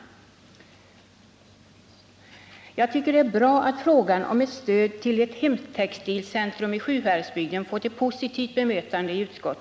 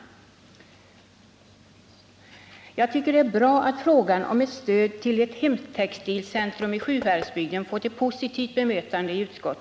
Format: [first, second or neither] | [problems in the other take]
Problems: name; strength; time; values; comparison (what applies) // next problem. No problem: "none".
first | background sound (Knock / Wood); 18 dB below the speech